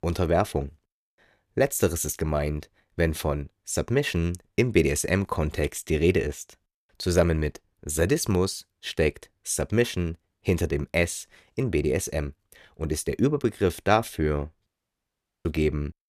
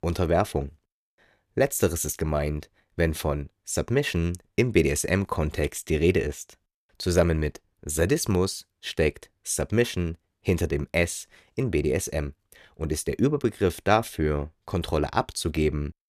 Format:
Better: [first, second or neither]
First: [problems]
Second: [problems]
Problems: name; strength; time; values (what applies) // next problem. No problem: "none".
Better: second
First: audio cutting out; at 15 s for 1 s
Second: none